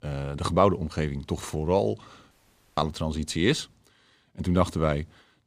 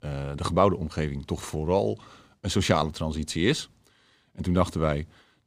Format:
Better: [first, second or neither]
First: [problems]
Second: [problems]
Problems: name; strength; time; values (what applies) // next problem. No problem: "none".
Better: second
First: audio cutting out; at 2.5 s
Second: none